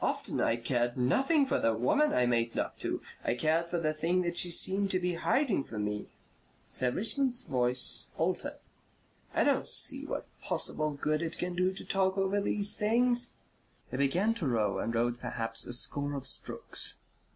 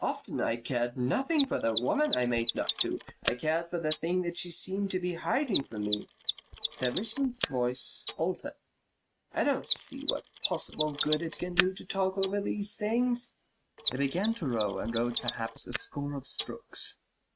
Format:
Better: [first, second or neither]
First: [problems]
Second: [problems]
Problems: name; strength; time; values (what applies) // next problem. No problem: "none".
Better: first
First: none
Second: noise reduction (neural mask model RNNoise)